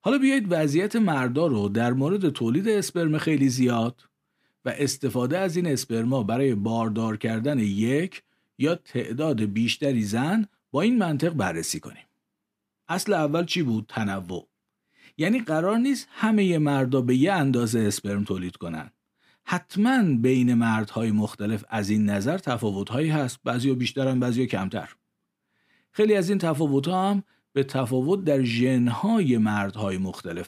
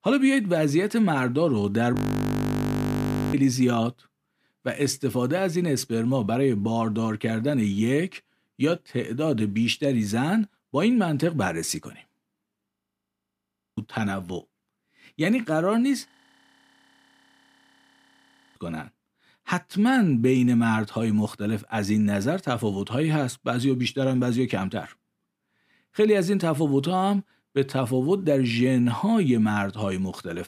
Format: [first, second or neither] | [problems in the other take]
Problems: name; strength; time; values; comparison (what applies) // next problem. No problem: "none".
first | audio freezing; at 2 s for 1.5 s, at 13 s for 1 s and at 16 s for 2.5 s